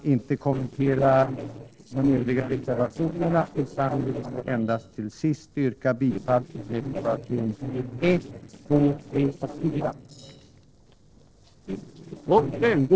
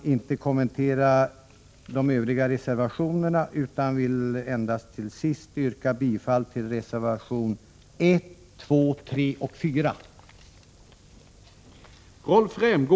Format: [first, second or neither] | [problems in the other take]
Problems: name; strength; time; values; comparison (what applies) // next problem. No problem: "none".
second | noise reduction (neural separator model SepFormer DNS4)